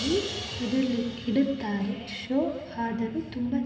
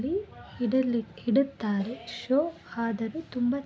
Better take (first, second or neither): second